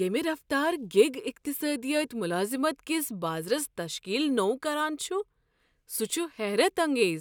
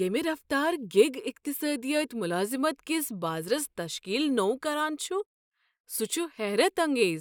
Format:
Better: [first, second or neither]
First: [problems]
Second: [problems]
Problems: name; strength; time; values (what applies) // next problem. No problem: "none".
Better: first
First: none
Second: noise reduction (neural mask model Resemble Enhance denoiser)